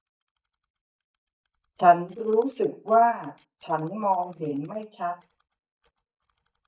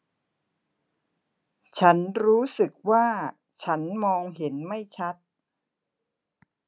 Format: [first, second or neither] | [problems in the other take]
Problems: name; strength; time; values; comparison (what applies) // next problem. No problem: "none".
second | noise reduction (neural mask model DeepFilterNet 3)